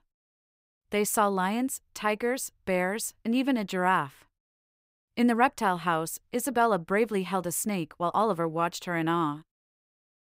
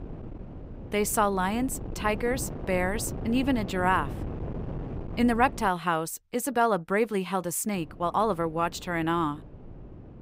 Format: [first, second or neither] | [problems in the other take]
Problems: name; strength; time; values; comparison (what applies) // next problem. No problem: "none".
first | wind noise on the microphone; occasional gusts; until 5.5 s and from 7.5 s on; 15 dB below the speech